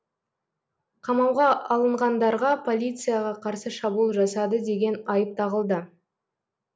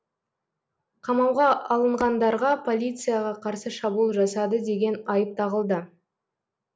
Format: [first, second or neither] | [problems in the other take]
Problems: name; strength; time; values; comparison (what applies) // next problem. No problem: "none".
first | background sound (Tap / Hammer); 14 dB below the speech